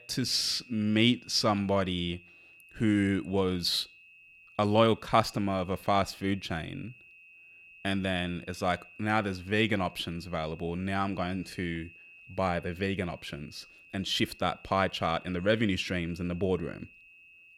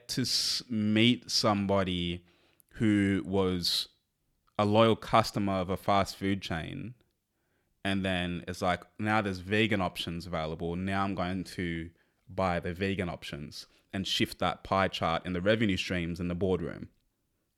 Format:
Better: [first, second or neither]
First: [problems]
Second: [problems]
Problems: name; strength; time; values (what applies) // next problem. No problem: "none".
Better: second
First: high-pitched whine; faint; throughout; 2.5 kHz, 20 dB below the speech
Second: none